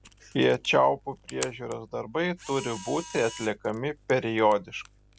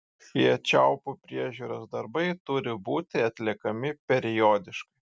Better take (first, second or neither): second